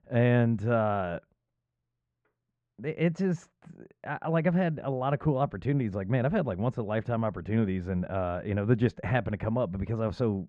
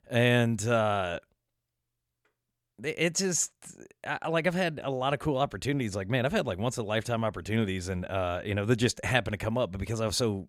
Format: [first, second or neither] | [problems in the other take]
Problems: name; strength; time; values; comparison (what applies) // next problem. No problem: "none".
second | muffled; very; fading above 1.5 kHz